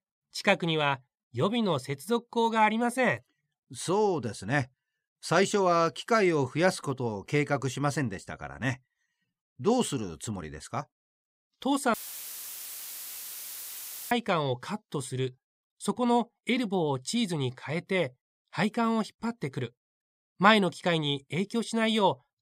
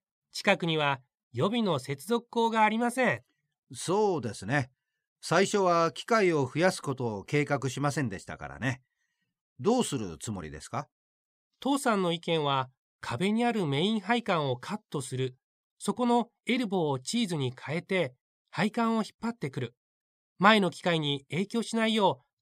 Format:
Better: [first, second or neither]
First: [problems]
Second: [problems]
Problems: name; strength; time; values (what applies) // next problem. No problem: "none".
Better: second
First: audio cutting out; filled with static; at 12 s for 2 s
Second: none